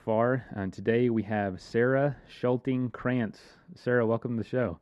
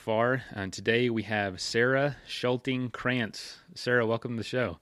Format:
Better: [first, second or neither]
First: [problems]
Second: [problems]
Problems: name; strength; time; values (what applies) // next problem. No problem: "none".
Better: second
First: muffled; slightly; fading above 2 kHz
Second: none